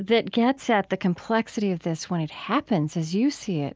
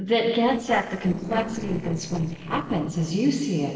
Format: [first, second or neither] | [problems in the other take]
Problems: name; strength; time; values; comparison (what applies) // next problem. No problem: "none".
first | noise reduction (neural separator model SepFormer DNS4)